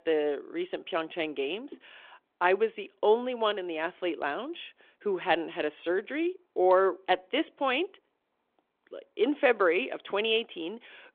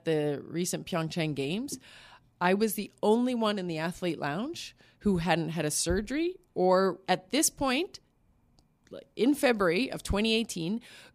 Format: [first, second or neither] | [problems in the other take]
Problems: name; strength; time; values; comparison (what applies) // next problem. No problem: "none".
second | phone-call audio; nothing above 3.5 kHz